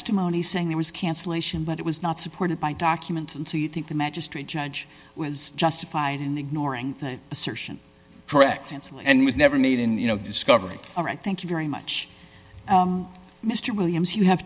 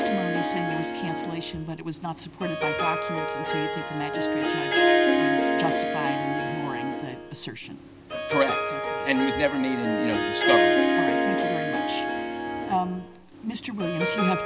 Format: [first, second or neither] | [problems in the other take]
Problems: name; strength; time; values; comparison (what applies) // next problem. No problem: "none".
first | background sound (Harp); 5 dB above the speech